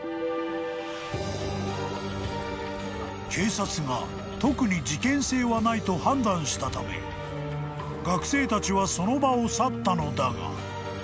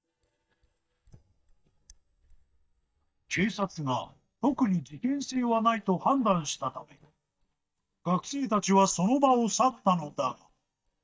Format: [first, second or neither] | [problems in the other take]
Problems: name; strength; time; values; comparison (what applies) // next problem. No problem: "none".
first | noise reduction (neural mask model DeepFilterNet 3)